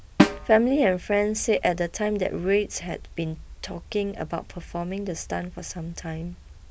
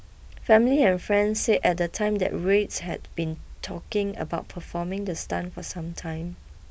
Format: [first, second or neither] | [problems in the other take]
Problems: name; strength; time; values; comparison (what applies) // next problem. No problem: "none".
second | background sound (Snare drum); 1 dB above the speech